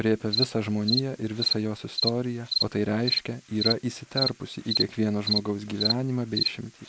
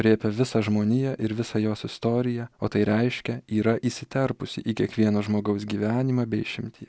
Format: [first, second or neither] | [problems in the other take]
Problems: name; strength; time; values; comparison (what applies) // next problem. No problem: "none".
second | background sound (Cricket); 3 dB below the speech